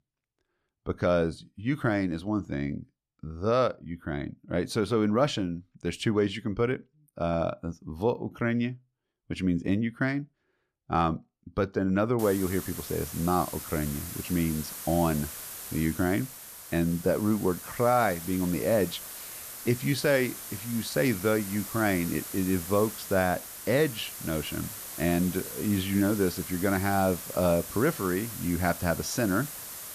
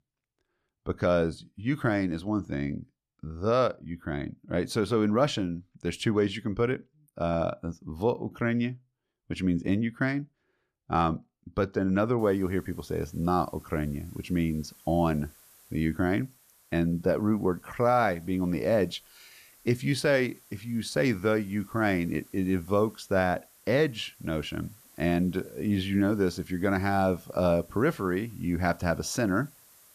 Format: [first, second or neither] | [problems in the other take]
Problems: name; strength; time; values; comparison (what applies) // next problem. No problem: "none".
second | hiss; loud; from 12 s on; 9 dB below the speech; faint in the second